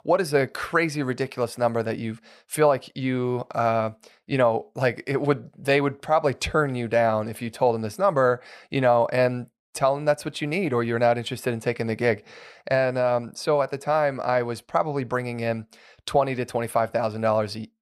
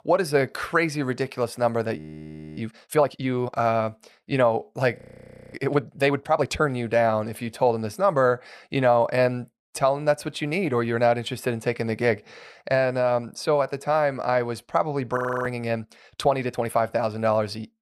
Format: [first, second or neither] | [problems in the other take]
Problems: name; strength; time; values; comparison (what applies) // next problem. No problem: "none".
first | audio freezing; at 2 s for 0.5 s, at 5 s for 0.5 s and at 15 s